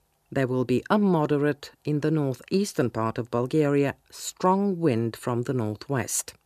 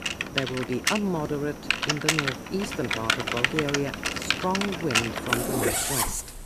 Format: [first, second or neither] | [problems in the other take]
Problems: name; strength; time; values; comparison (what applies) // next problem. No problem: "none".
first | household noises; very loud; throughout; 4 dB above the speech